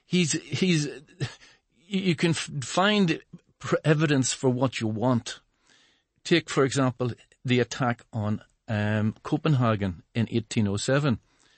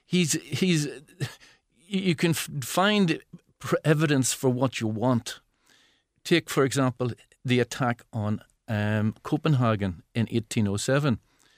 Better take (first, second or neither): second